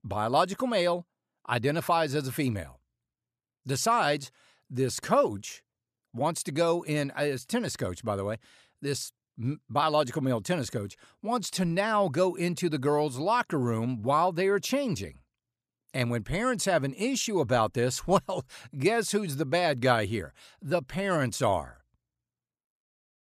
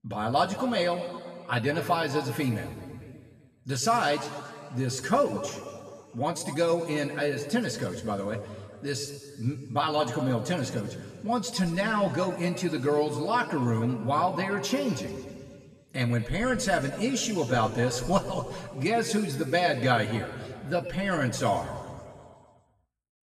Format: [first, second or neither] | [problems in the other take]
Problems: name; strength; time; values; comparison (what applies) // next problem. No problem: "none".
first | room echo; noticeable; dies away in 1.8 s // off-mic speech; somewhat distant